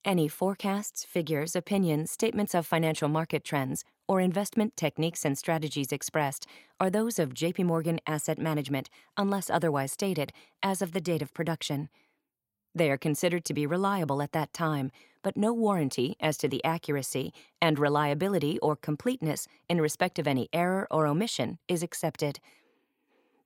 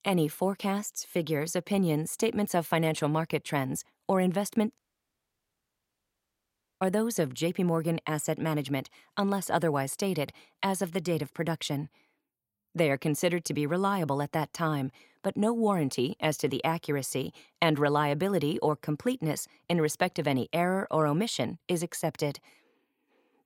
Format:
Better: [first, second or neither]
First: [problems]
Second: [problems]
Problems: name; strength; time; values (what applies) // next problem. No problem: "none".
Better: first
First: none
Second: audio cutting out; at 5 s for 2 s